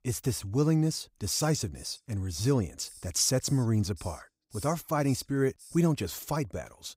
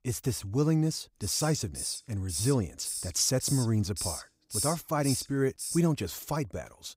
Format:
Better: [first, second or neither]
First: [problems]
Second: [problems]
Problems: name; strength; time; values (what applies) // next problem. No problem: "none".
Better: first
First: hiss; faint; from 1 to 6 s; 20 dB below the speech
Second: hiss; loud; from 1 to 6 s; 6 dB below the speech